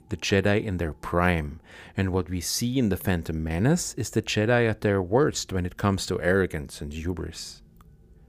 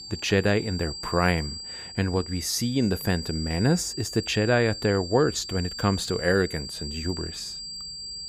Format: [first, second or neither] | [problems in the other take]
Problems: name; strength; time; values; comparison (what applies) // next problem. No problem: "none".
first | high-pitched whine; loud; throughout; 4.5 kHz, 9 dB below the speech